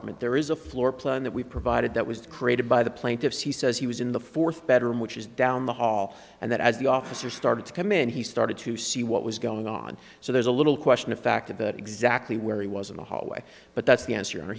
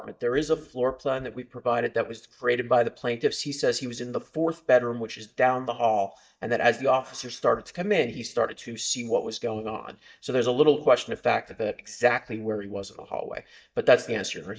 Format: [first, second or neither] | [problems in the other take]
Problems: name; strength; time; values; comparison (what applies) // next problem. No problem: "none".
first | noise reduction (neural mask model DeepFilterNet 3)